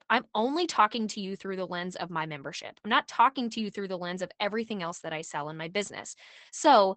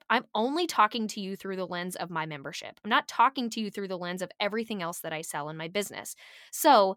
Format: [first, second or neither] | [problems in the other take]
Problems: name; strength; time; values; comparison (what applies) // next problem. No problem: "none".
second | garbled, watery; badly; nothing above 8 kHz